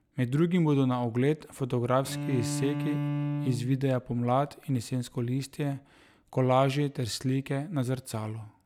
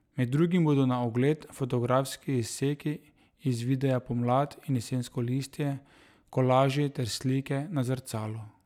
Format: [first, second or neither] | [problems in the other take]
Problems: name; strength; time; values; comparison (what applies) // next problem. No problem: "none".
second | background sound (Bowed string instrument); 6 dB below the speech